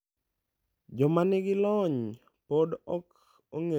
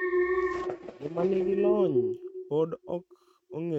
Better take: first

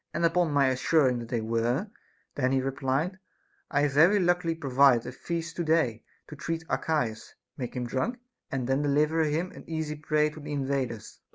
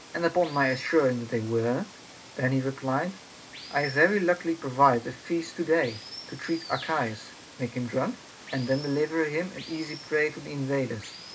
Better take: first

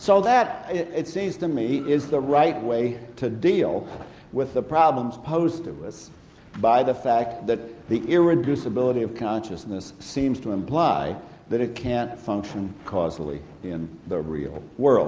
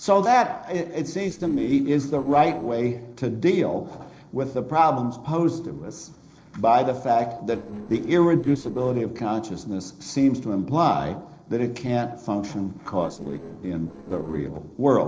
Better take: first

